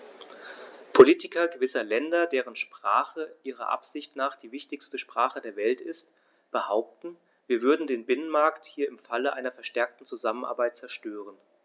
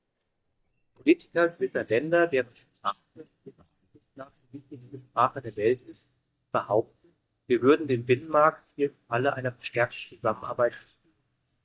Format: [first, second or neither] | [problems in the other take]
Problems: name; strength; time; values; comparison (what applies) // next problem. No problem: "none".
first | noise reduction (neural mask model DeepFilterNet 3)